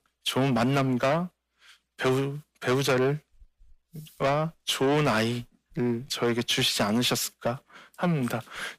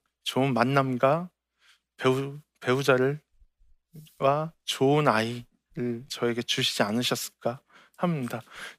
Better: second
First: distortion; heavy; 7 dB below the speech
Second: none

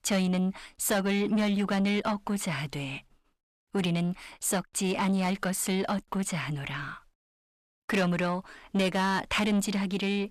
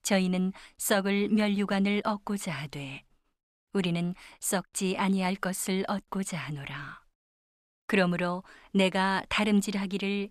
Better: second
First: distortion; slight; 10 dB below the speech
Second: none

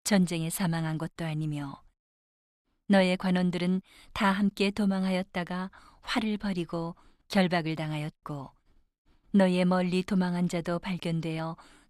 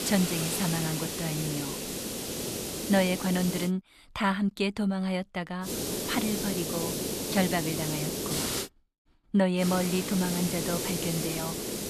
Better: first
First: none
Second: hiss; loud; until 3.5 s, from 5.5 to 8.5 s and from 9.5 s on; 2 dB below the speech

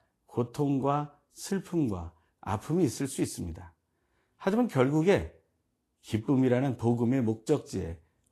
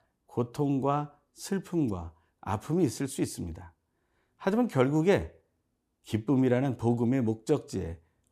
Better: second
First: garbled, watery; slightly; nothing above 12.5 kHz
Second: none

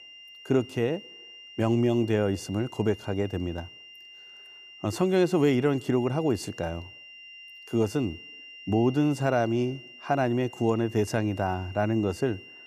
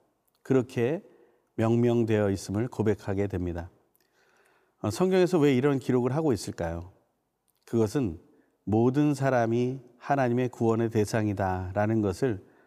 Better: second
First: high-pitched whine; noticeable; throughout; 3 kHz, 20 dB below the speech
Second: none

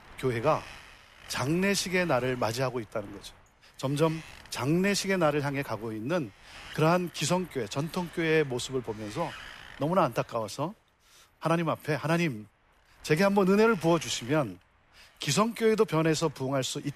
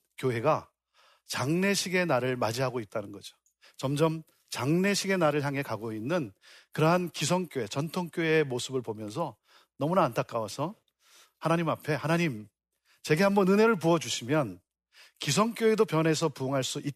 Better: second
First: wind noise on the microphone; occasional gusts; 20 dB below the speech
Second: none

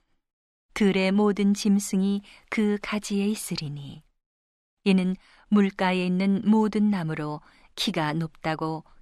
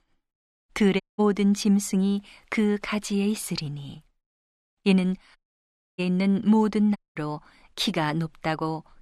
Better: first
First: none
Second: audio cutting out; at 1 s, at 5.5 s for 0.5 s and at 7 s

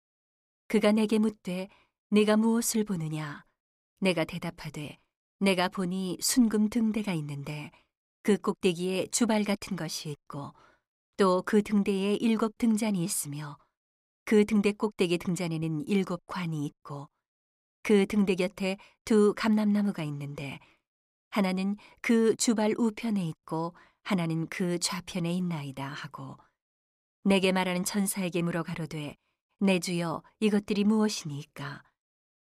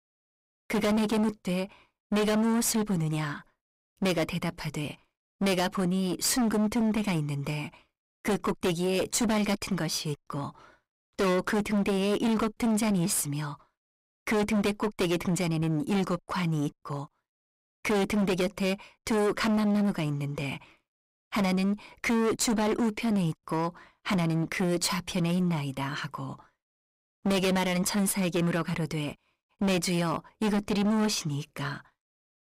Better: first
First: none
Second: distortion; heavy; 19% of the sound clipped

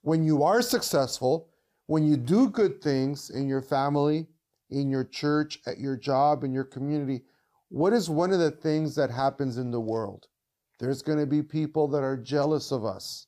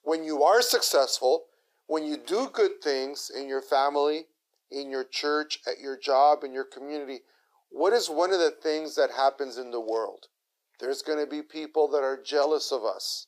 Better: first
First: none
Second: thin; very; fading below 400 Hz

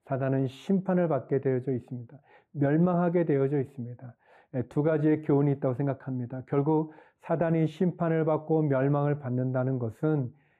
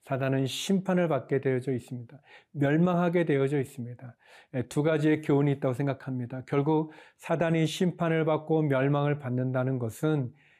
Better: second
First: muffled; very; fading above 2.5 kHz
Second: none

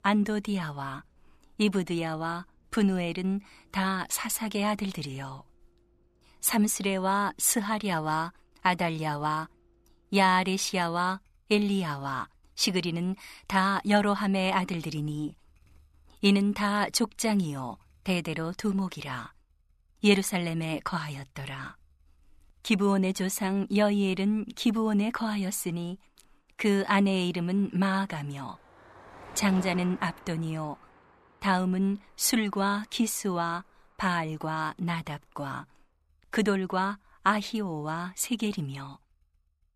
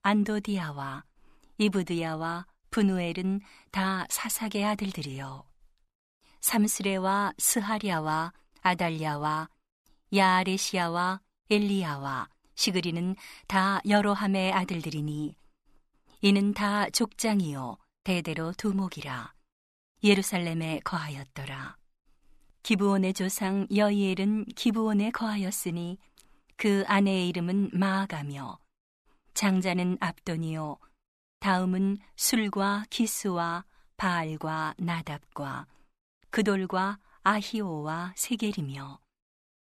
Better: second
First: traffic noise; faint; throughout; 25 dB below the speech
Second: none

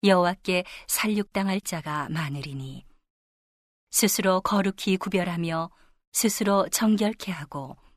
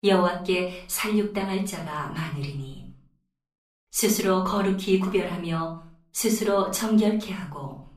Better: first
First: none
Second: off-mic speech; far // room echo; slight; dies away in 0.4 s

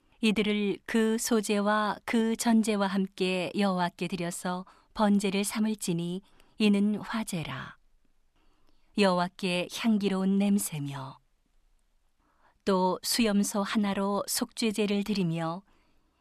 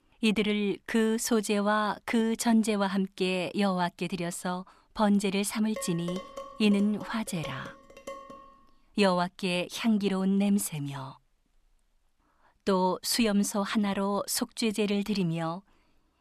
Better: first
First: none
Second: clattering dishes; faint; from 6 to 8.5 s; peak 10 dB below the speech

